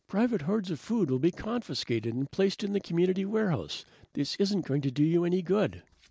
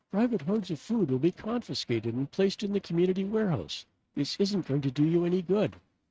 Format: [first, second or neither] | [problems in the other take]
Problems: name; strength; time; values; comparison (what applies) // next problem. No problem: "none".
first | noise reduction (neural mask model RNNoise)